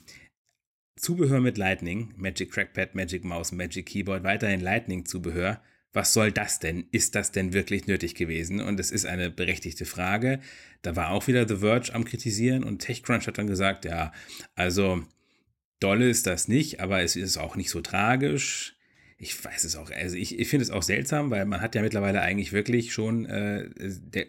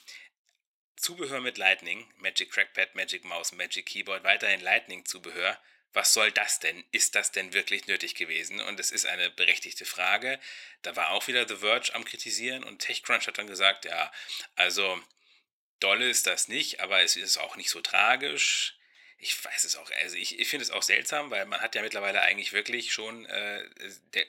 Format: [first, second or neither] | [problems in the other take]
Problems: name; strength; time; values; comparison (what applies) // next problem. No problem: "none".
first | thin; very; fading below 750 Hz